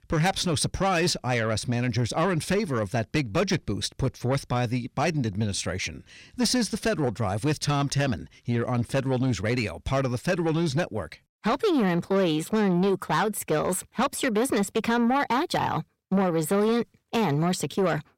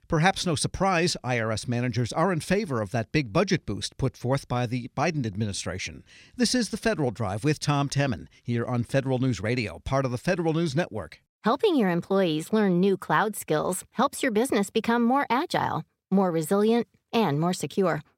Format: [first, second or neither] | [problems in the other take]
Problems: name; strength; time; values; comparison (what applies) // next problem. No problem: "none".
second | distortion; slight; 10 dB below the speech